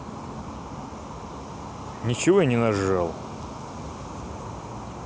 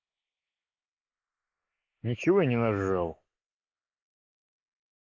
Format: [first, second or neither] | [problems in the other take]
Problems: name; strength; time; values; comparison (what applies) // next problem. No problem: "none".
first | noise reduction (neural mask model Resemble Enhance denoiser)